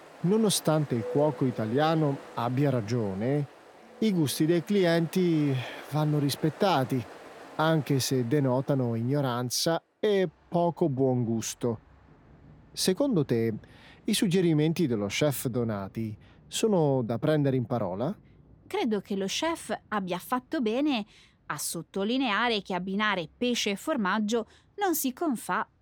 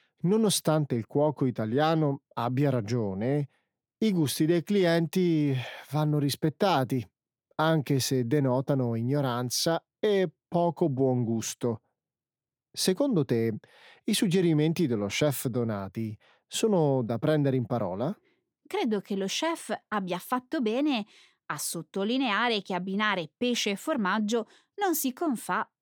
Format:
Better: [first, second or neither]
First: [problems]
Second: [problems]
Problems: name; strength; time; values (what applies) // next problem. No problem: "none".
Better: second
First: rain or running water; noticeable; throughout; 20 dB below the speech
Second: none